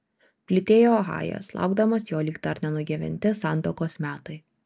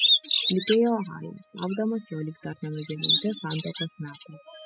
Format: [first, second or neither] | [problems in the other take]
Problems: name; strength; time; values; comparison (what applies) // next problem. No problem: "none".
first | noise reduction (classical method spectral subtraction)